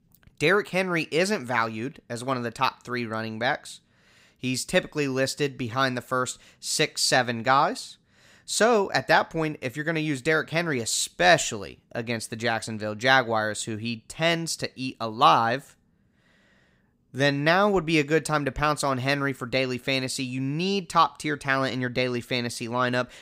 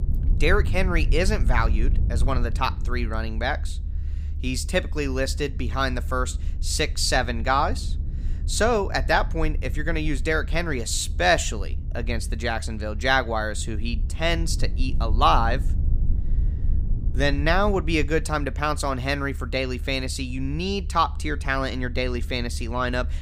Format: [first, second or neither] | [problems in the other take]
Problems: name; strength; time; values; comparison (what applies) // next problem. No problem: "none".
first | low rumble; faint; throughout; 20 dB below the speech